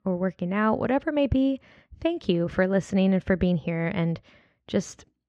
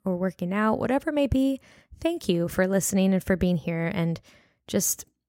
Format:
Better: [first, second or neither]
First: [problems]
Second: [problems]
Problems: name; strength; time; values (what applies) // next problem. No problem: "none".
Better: second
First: muffled; slightly; fading above 4 kHz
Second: none